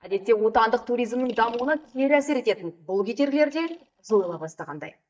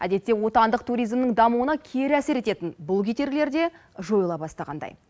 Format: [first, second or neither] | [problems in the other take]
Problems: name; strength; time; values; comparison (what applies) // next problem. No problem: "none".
second | noise reduction (neural mask model DeepFilterNet 3)